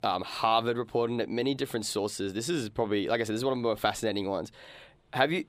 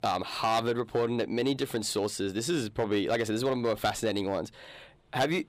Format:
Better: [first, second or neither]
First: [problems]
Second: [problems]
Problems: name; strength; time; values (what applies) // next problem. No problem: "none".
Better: first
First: none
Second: distortion; slight; 4% of the sound clipped